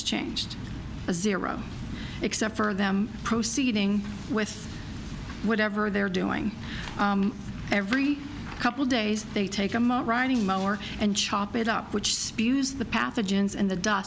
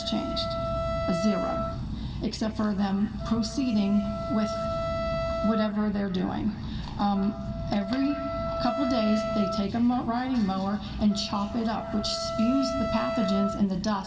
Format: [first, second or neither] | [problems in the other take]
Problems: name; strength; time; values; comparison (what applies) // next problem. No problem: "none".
first | background sound (Wind instrument, woodwind instrument); 6 dB below the speech // room echo; dies away in 2 s